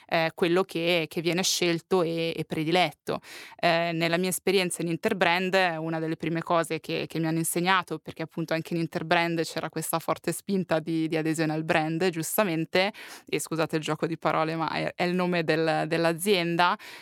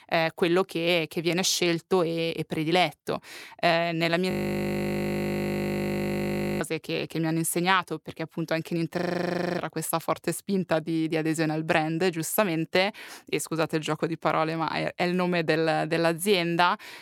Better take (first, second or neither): first